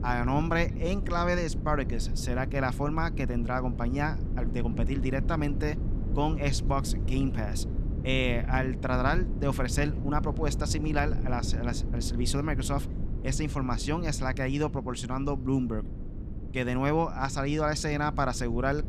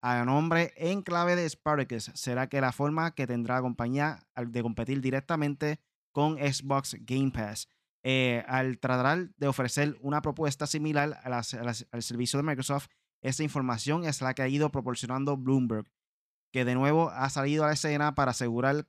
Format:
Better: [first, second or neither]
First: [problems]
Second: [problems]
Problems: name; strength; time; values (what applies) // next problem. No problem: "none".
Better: second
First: low rumble; noticeable; throughout; 15 dB below the speech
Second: none